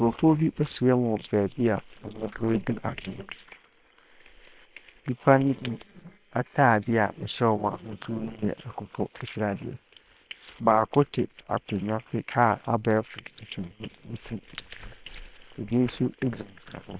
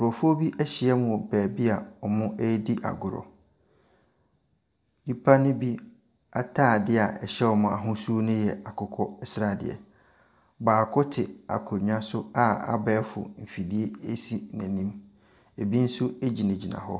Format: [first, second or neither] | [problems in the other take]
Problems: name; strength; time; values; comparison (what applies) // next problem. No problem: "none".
second | noise reduction (neural separator model SepFormer WHAM!)